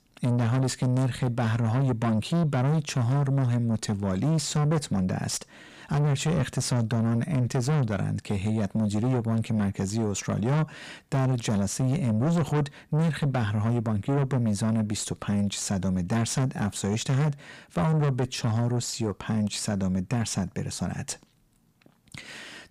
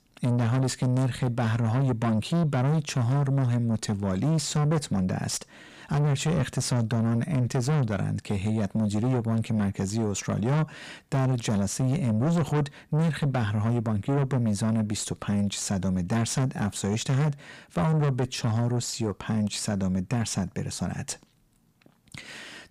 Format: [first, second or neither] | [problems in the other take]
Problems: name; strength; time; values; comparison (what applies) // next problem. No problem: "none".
neither | distortion; heavy; 8 dB below the speech; the same in both